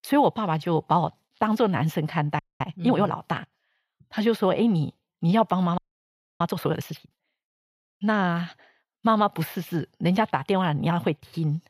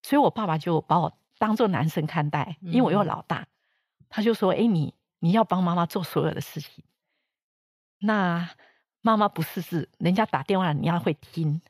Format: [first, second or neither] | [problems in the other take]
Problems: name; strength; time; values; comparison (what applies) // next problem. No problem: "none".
second | audio freezing; at 2.5 s and at 6 s for 0.5 s